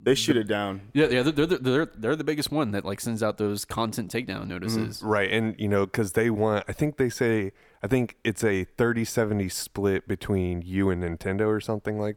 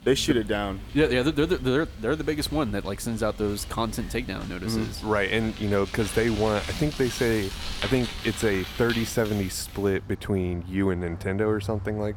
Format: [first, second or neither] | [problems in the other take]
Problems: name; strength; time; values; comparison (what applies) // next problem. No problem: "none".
first | traffic noise; noticeable; throughout; 10 dB below the speech